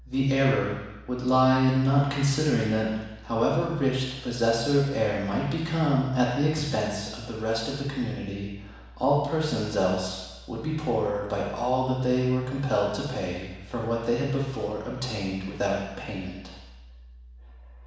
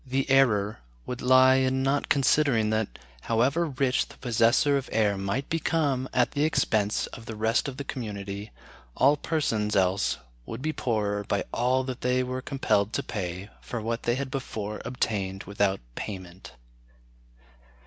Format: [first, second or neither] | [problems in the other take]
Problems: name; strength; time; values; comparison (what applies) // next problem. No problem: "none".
second | room echo; dies away in 1.1 s